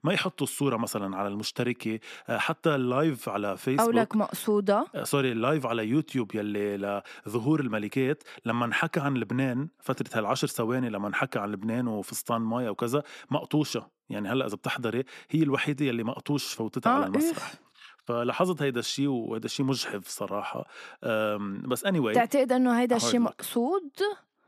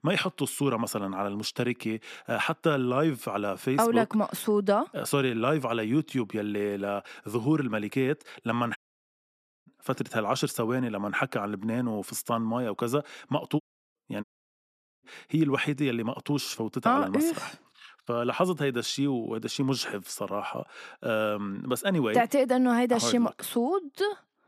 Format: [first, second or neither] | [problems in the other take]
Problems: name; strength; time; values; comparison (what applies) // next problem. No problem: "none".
first | audio cutting out; at 9 s for 1 s and at 14 s for 1 s